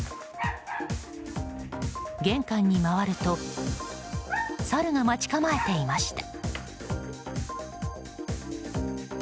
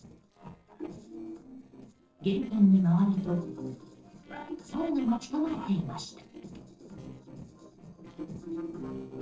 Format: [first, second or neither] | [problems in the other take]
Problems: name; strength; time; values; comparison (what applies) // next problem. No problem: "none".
first | noise reduction (neural separator model SepFormer DNS4)